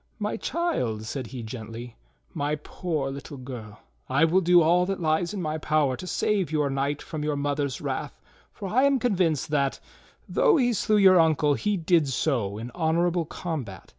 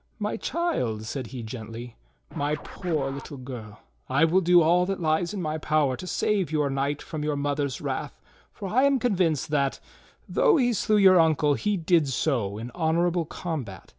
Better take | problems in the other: first | background sound (Scratching (performance technique)); 19 dB below the speech

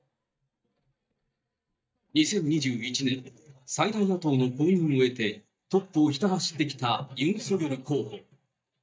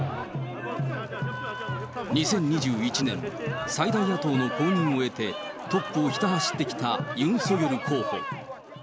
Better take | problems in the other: second | noise reduction (neural mask model DeepFilterNet 3)

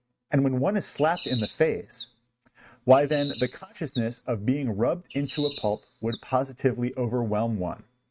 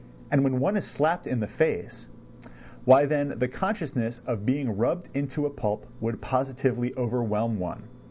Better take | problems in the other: second | noise reduction (neural mask model RNNoise)

